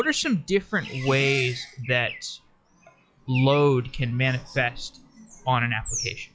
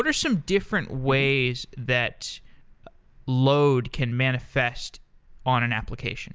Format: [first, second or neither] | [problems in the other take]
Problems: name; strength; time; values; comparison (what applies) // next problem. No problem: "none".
second | noise reduction (classical method log-MMSE)